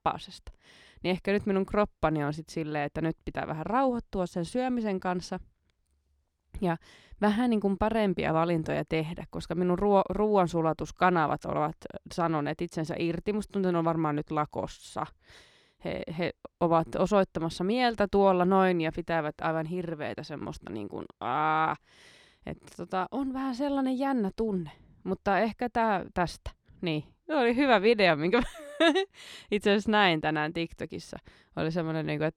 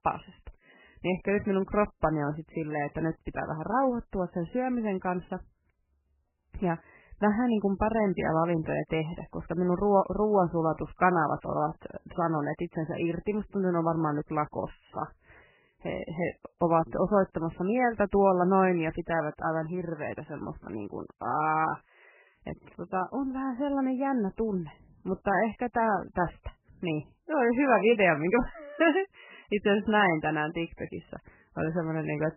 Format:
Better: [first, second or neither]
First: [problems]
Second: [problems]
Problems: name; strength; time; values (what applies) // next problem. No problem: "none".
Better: first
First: none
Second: garbled, watery; badly; nothing above 3 kHz